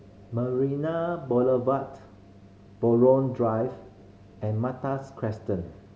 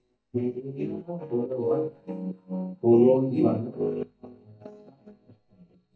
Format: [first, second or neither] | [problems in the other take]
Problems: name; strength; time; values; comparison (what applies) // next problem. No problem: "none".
first | noise reduction (neural mask model DeepFilterNet 3)